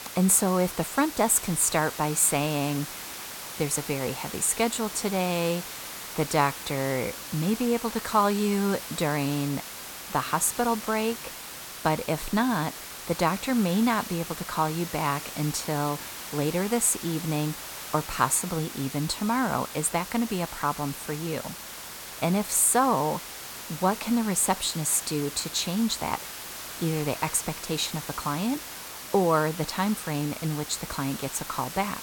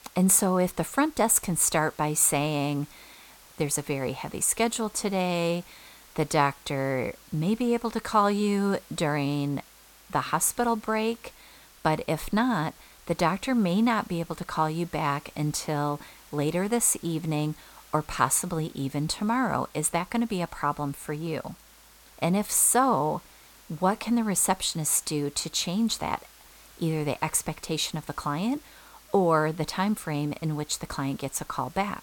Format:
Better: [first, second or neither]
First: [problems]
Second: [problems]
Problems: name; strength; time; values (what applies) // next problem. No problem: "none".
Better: second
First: hiss; loud; throughout; 10 dB below the speech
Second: hiss; faint; throughout; 25 dB below the speech